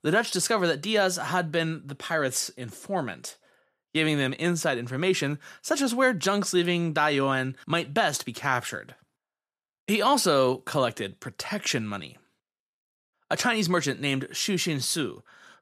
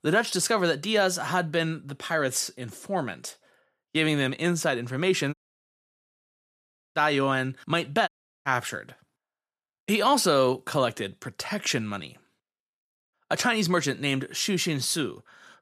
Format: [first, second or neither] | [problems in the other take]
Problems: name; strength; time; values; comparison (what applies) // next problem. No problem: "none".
first | audio cutting out; at 5.5 s for 1.5 s and at 8 s